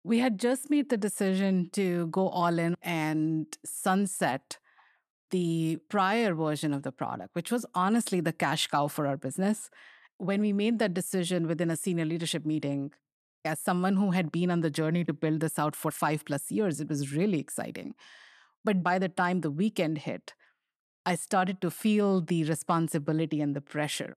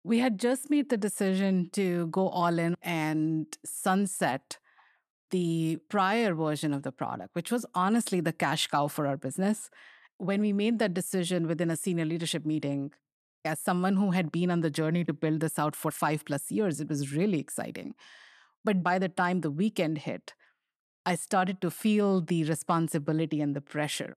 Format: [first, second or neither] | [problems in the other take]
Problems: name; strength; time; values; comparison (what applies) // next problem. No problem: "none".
neither | none